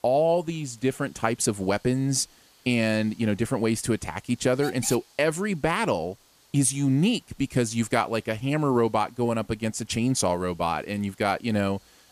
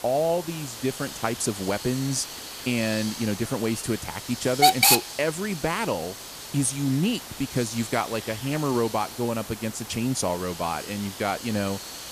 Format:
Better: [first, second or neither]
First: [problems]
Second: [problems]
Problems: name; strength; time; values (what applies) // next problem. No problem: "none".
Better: first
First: hiss; faint; throughout; 25 dB below the speech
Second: hiss; loud; throughout; 2 dB below the speech